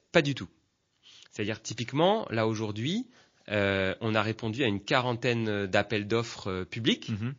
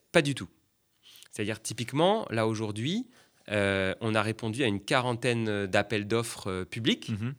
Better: second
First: garbled, watery; slightly; nothing above 6.5 kHz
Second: none

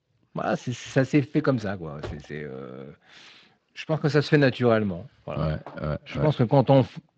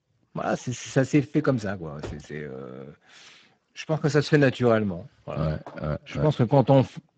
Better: first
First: garbled, watery; slightly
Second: garbled, watery; badly; nothing above 7.5 kHz

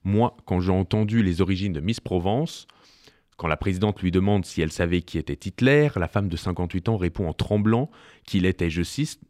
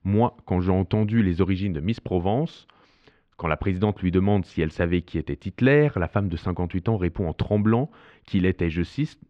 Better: first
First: none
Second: muffled; slightly; fading above 2.5 kHz

